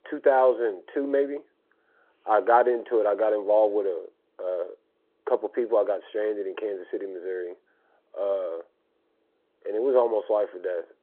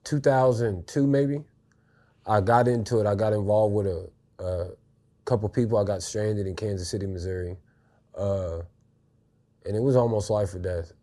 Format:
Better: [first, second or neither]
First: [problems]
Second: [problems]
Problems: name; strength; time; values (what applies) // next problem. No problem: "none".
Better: second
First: phone-call audio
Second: none